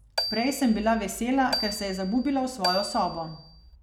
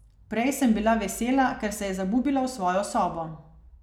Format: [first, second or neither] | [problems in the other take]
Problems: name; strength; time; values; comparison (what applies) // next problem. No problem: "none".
second | background sound (Marimba, xylophone); 7 dB below the speech